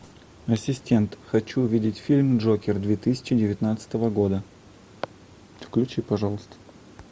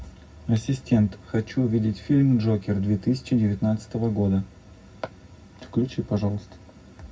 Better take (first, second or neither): first